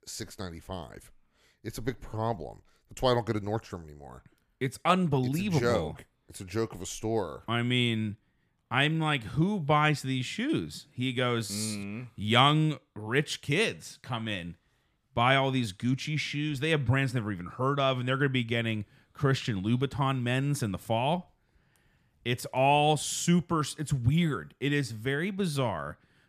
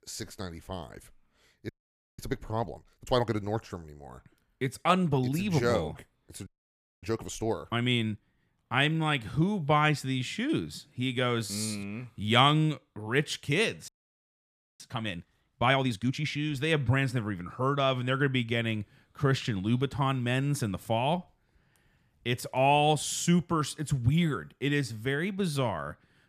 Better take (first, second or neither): first